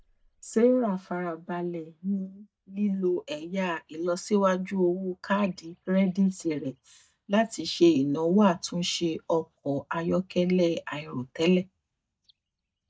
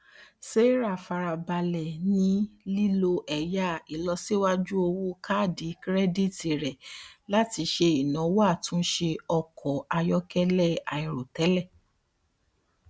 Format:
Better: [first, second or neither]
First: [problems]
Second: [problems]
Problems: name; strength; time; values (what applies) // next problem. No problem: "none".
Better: second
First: noise reduction (neural mask model DeepFilterNet 3)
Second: none